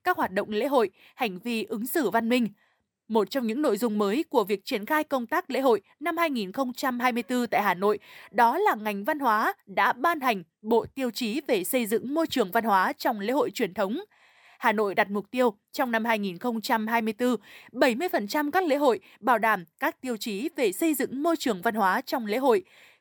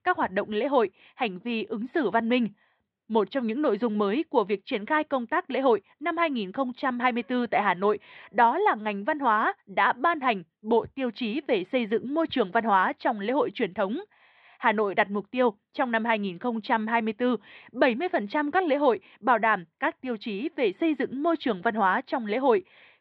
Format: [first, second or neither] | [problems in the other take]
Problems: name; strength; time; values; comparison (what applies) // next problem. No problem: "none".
first | muffled; slightly; fading above 3.5 kHz